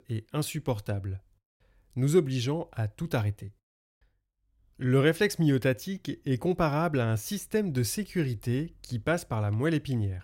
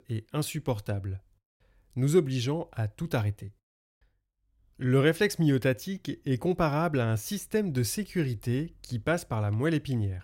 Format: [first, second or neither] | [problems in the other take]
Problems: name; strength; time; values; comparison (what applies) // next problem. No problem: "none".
neither | none